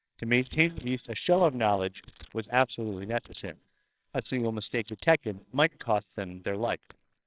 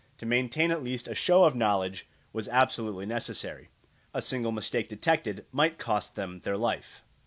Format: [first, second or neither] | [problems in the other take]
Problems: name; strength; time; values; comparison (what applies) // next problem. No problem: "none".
second | noise reduction (neural separator model SepFormer WHAMR!)